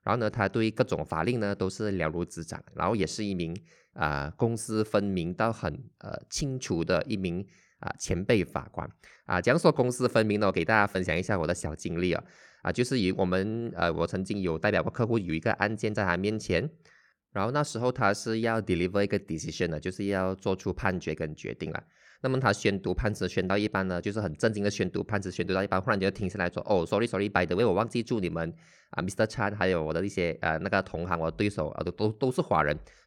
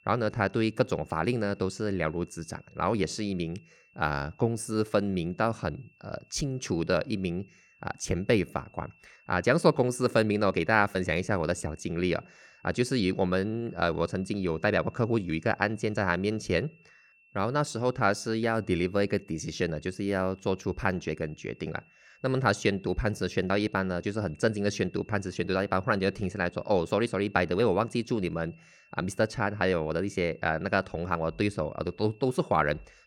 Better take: first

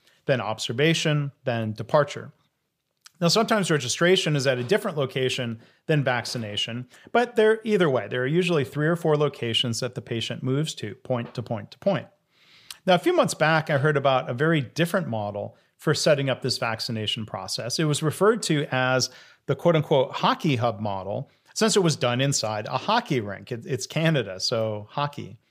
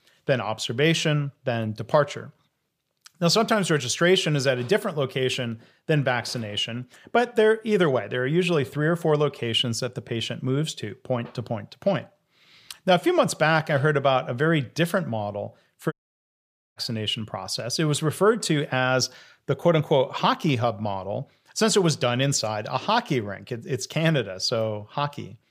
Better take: first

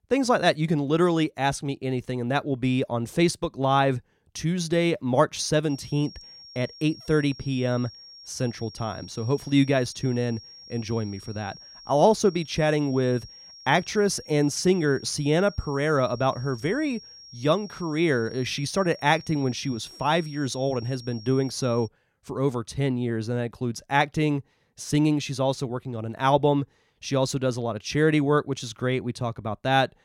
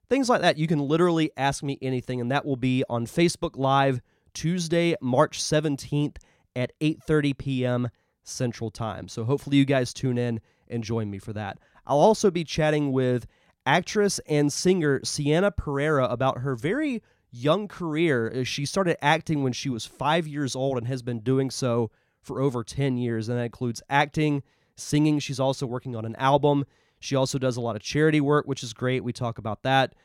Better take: second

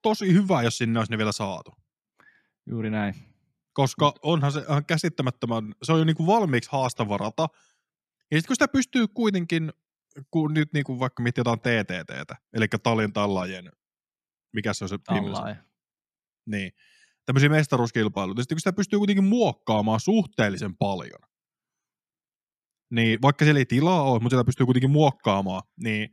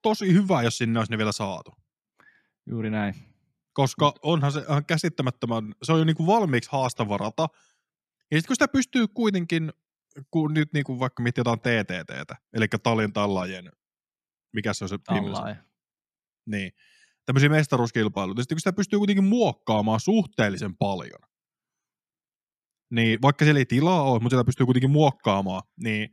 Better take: neither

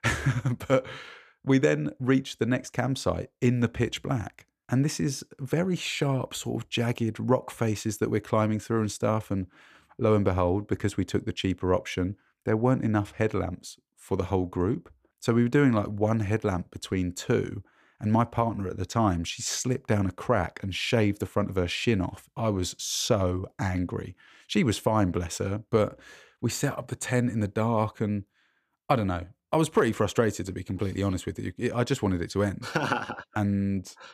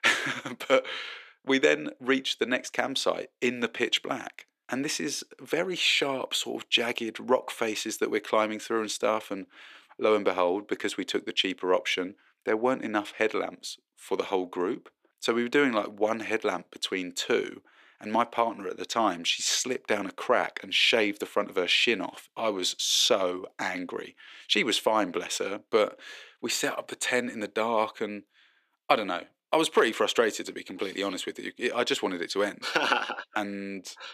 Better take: first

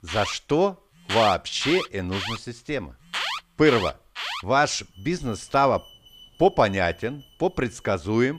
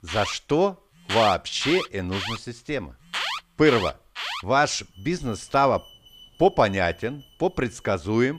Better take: neither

